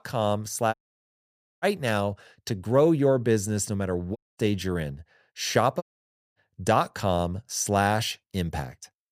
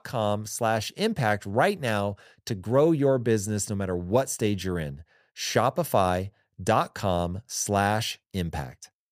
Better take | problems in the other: second | audio cutting out; at 0.5 s for 1 s, at 4 s and at 6 s for 0.5 s

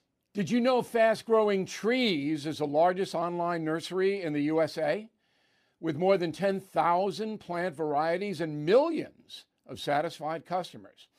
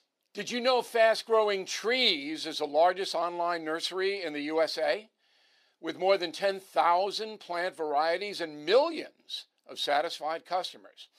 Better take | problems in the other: first | thin; somewhat; fading below 450 Hz

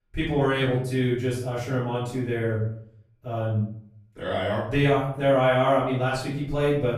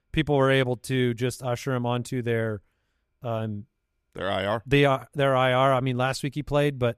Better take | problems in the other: second | off-mic speech; far // room echo; noticeable; dies away in 0.6 s

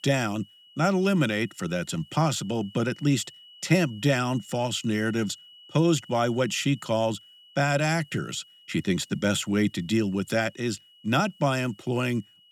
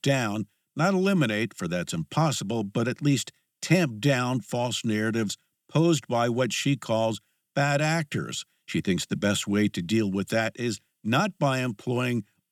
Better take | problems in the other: second | high-pitched whine; faint; throughout; 3 kHz, 25 dB below the speech

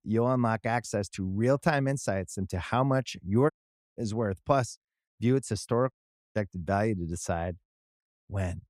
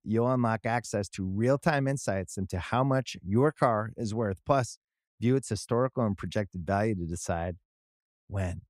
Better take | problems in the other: second | audio cutting out; at 3.5 s and at 6 s

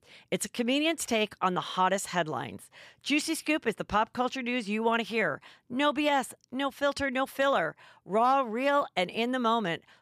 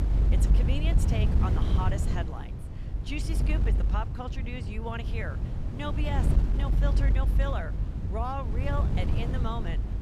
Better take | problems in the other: first | wind noise on the microphone; heavy; 5 dB below the speech

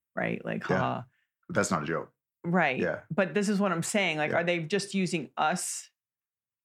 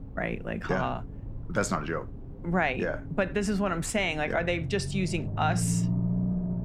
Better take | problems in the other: first | low rumble; noticeable; throughout; 15 dB below the speech

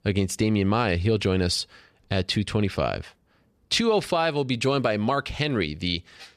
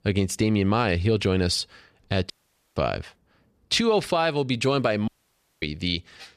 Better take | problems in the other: first | audio cutting out; at 2.5 s and at 5 s for 0.5 s

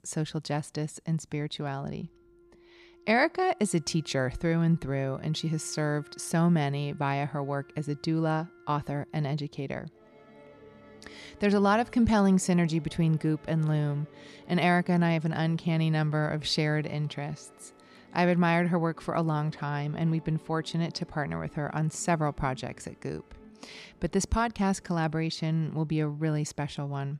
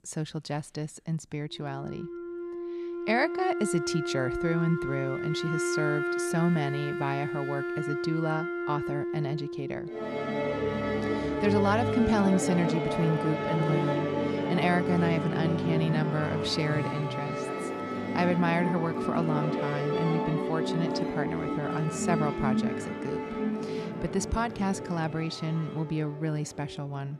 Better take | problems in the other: first | background music; loud; throughout; 1 dB below the speech; faint in the first

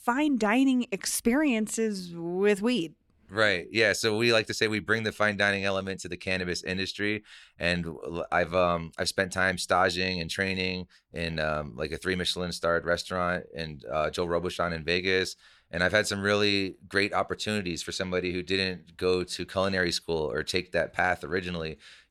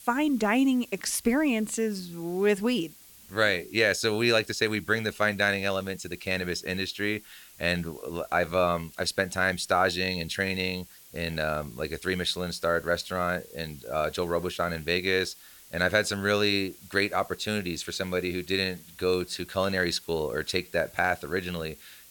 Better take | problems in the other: first | hiss; faint; throughout; 20 dB below the speech

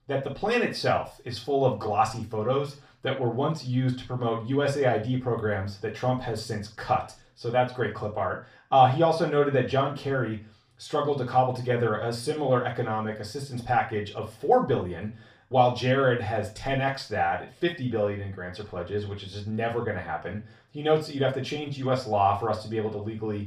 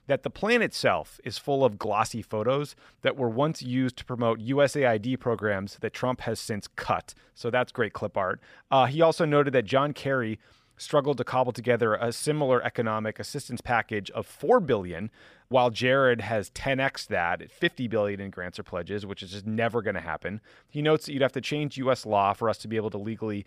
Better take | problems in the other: second | room echo; slight; dies away in 0.3 s // off-mic speech; far

